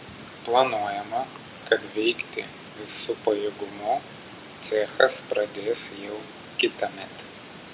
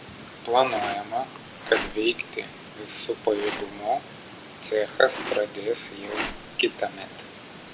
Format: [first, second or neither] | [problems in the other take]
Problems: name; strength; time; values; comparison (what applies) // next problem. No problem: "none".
first | background sound (Rattle); 11 dB below the speech